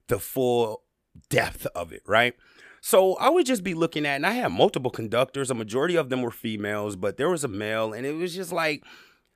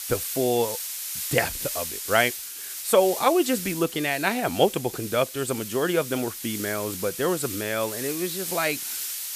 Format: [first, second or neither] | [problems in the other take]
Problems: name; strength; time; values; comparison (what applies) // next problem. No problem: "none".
first | hiss; loud; throughout; 6 dB below the speech